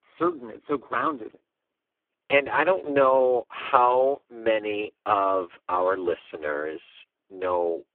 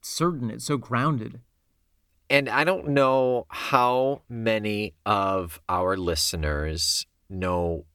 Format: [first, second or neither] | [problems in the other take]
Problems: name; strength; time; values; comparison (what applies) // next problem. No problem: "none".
second | phone-call audio; poor line